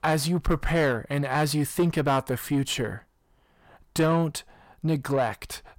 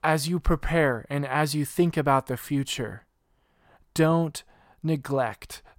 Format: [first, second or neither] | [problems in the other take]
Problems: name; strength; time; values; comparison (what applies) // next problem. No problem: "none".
second | distortion; slight; 10 dB below the speech